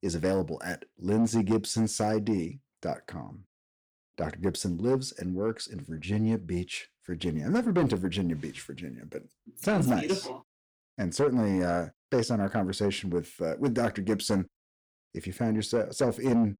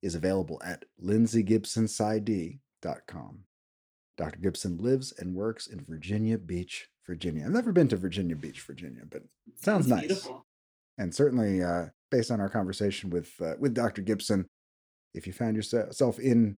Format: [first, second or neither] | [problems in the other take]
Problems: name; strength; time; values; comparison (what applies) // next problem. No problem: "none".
second | distortion; slight; 10 dB below the speech